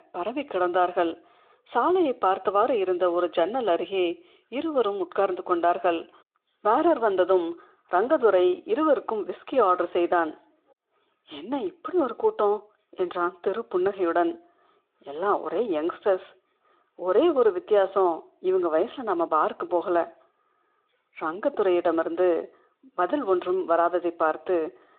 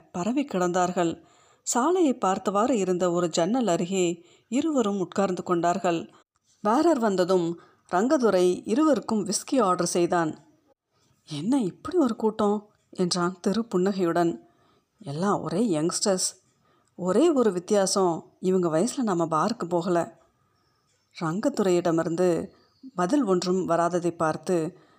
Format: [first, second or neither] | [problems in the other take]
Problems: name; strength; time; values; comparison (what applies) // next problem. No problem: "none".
second | phone-call audio